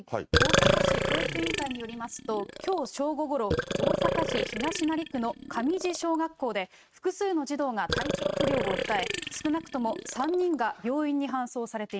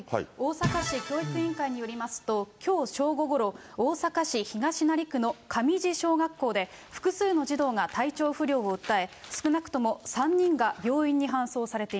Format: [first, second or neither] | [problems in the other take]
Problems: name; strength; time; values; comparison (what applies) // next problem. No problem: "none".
second | noise reduction (neural mask model RNNoise)